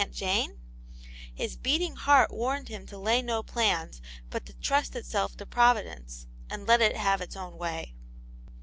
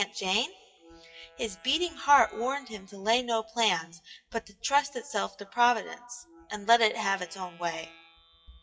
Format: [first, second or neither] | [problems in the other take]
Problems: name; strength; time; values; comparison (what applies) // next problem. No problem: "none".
first | noise reduction (classical method WPE with log-MMSE)